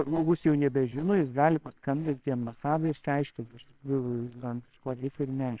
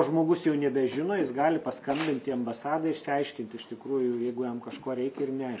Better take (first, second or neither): second